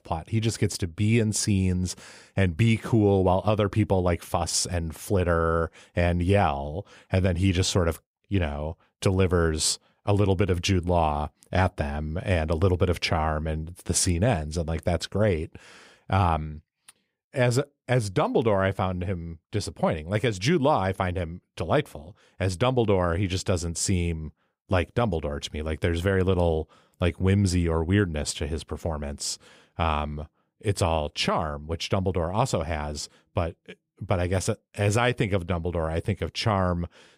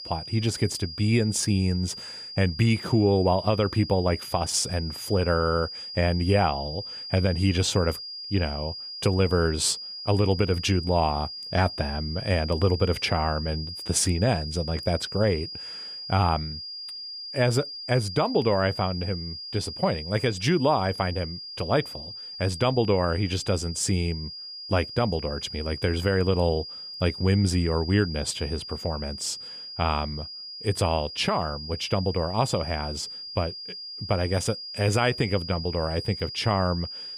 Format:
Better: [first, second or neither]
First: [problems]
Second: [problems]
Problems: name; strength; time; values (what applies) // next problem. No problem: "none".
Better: first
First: none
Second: high-pitched whine; loud; throughout; 5 kHz, 9 dB below the speech